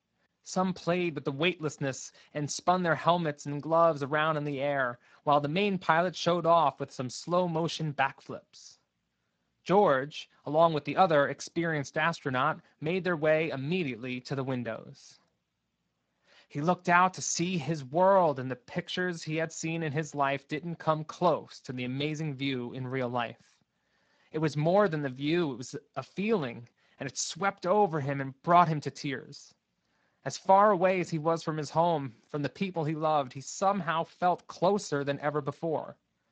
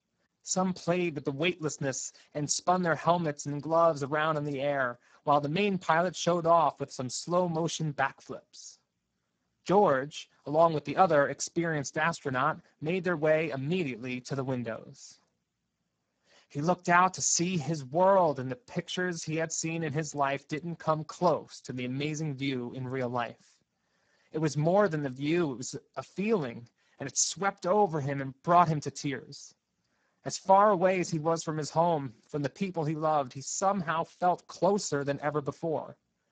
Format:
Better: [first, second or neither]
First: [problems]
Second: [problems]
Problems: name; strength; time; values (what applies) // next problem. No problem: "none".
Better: first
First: garbled, watery; slightly; nothing above 7.5 kHz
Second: garbled, watery; badly; nothing above 7.5 kHz